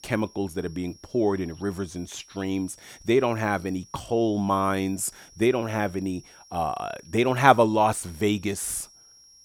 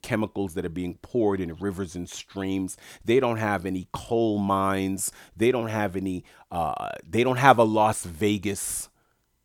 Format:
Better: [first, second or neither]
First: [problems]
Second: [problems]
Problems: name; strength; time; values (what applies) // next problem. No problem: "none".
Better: second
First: high-pitched whine; faint; throughout; 5.5 kHz, 25 dB below the speech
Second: none